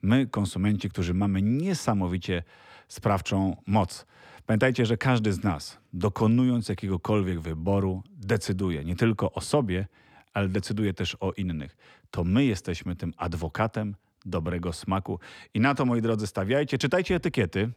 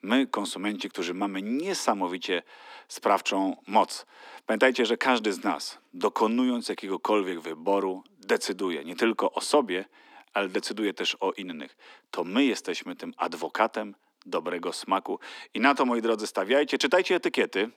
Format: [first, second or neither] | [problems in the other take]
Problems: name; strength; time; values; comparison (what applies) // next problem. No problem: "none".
first | thin; somewhat; fading below 250 Hz